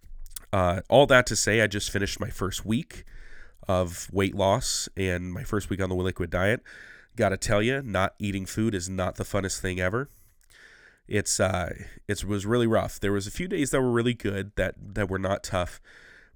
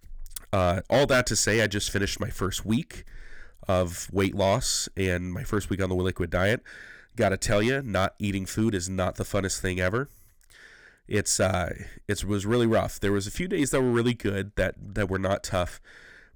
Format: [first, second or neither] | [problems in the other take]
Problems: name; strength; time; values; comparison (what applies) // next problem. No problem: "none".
first | distortion; slight; 3% of the sound clipped